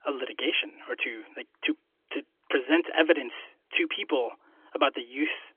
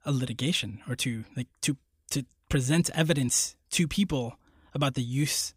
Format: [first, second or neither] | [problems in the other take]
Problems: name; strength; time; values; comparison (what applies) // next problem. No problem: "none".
second | phone-call audio; nothing above 3.5 kHz